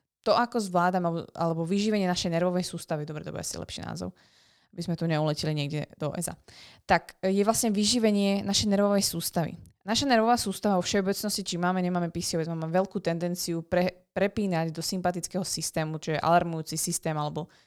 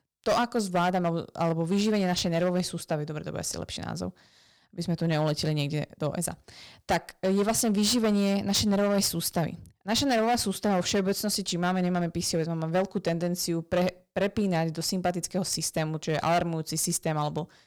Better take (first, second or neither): first